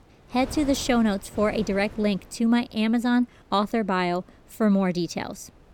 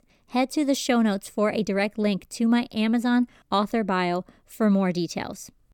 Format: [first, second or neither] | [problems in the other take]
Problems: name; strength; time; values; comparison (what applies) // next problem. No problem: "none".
second | wind noise on the microphone; occasional gusts; 20 dB below the speech